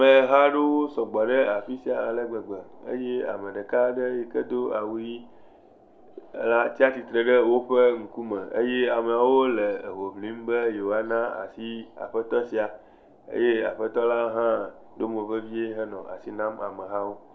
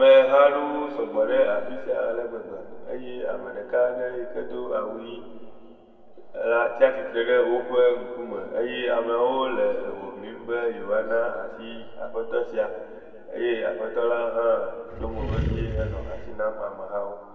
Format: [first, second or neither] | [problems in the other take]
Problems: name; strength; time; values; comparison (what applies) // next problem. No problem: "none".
first | background sound (Animal); 5 dB below the speech // room echo; dies away in 2.2 s